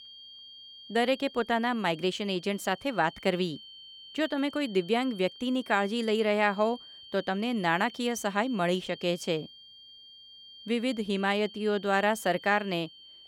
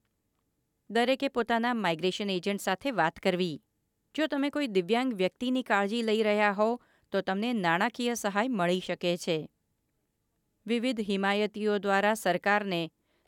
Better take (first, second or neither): second